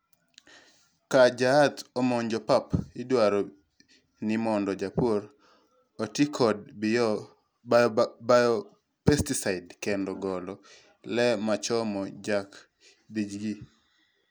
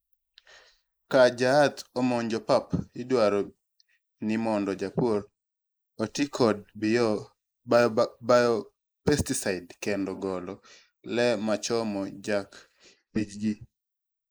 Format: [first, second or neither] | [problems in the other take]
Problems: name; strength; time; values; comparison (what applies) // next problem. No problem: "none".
first | noise reduction (neural mask model Resemble Enhance denoiser)